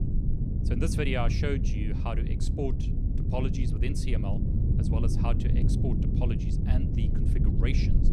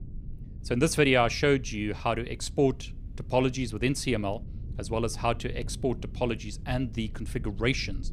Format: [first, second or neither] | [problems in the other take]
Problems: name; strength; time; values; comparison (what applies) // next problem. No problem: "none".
second | low rumble; loud; throughout; 3 dB below the speech; faint in the second